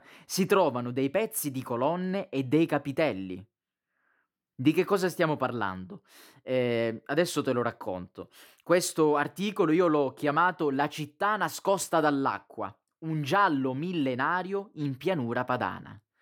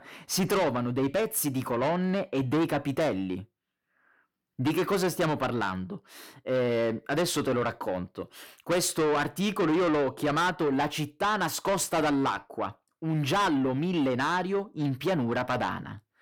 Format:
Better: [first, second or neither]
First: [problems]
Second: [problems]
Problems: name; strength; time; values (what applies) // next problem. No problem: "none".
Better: first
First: none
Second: distortion; heavy; 7 dB below the speech